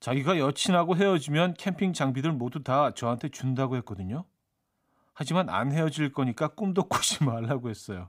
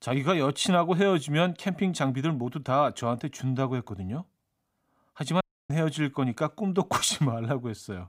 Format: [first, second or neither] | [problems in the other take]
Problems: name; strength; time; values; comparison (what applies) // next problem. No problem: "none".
first | audio cutting out; at 5.5 s